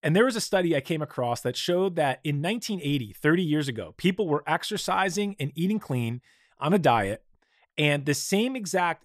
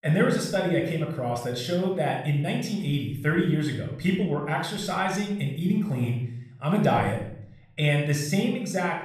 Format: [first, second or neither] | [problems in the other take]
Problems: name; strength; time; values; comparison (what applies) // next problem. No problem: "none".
first | off-mic speech; somewhat distant // room echo; noticeable; dies away in 0.7 s